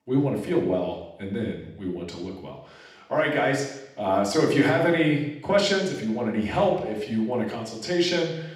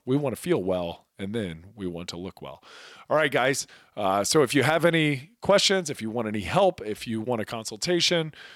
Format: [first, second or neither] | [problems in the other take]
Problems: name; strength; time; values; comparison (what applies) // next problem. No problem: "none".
second | room echo; noticeable; dies away in 0.8 s // off-mic speech; far